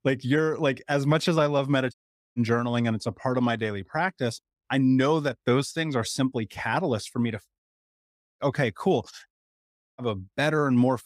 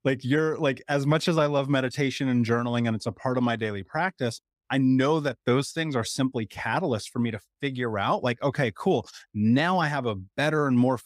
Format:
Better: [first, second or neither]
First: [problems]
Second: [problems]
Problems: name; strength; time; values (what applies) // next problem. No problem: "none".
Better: second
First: audio cutting out; at 2 s, at 7.5 s for 1 s and at 9.5 s for 0.5 s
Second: none